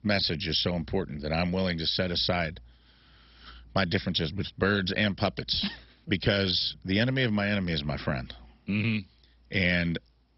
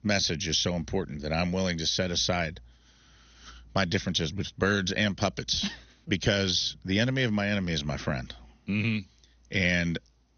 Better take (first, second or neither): second